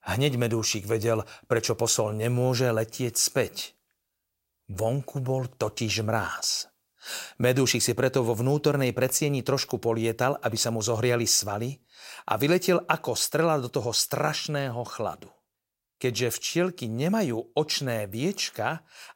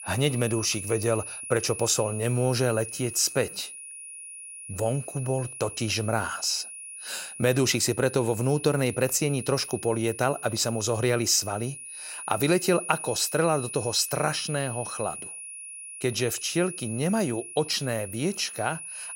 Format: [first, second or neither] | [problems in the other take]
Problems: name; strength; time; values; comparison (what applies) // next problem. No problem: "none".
first | high-pitched whine; loud; throughout; 10.5 kHz, 10 dB below the speech